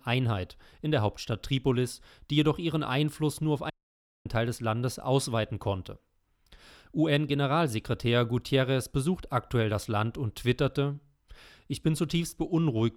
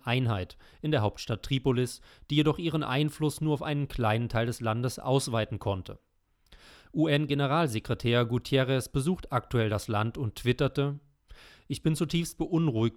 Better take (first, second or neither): second